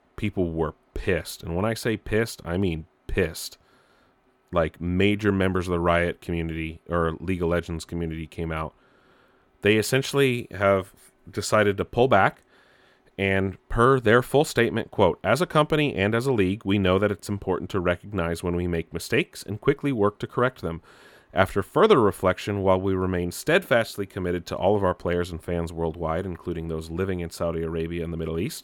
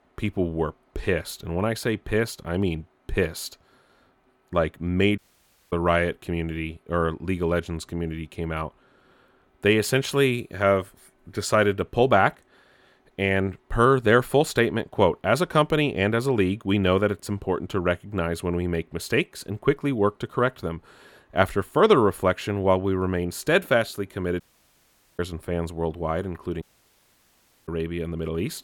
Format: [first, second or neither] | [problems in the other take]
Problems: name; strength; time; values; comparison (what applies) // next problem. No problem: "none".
first | audio cutting out; at 5 s for 0.5 s, at 24 s for 1 s and at 27 s for 1 s